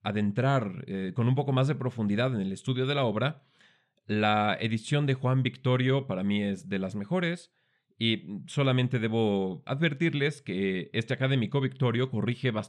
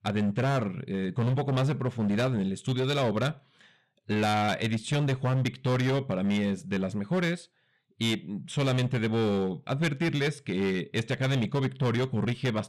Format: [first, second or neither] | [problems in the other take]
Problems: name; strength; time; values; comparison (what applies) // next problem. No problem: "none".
first | distortion; slight; 15% of the sound clipped